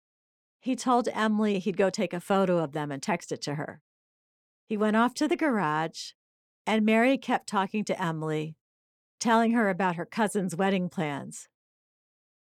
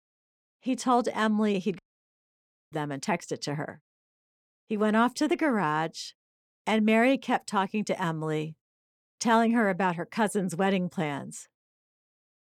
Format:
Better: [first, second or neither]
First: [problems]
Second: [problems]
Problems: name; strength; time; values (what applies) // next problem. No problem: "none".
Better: first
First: none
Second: audio cutting out; at 2 s for 1 s